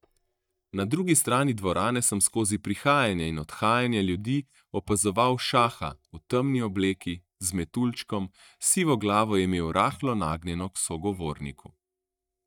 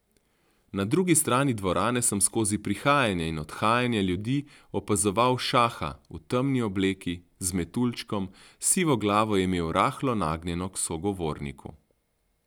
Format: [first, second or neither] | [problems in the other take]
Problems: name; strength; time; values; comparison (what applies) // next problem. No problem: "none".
second | noise reduction (neural mask model DeepFilterNet 3)